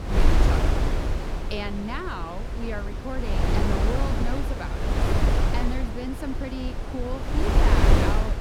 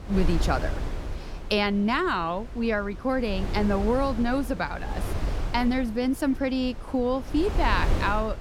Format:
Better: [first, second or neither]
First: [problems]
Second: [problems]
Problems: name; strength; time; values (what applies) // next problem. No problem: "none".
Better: second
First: wind noise on the microphone; heavy; 3 dB above the speech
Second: wind noise on the microphone; occasional gusts; 10 dB below the speech